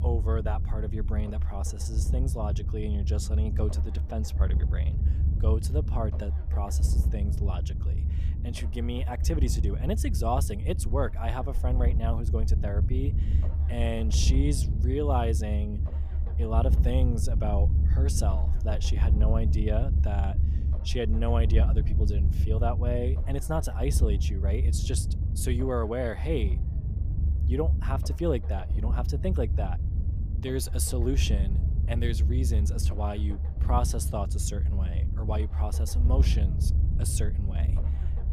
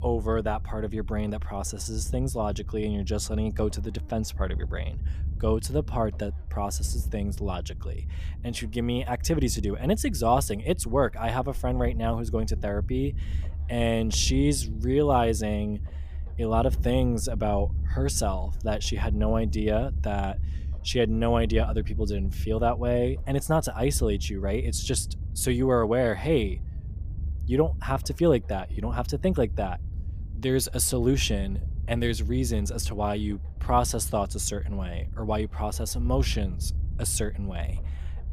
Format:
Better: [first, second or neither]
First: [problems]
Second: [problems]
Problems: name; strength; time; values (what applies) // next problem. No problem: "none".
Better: second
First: low rumble; loud; throughout; 9 dB below the speech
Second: low rumble; faint; throughout; 20 dB below the speech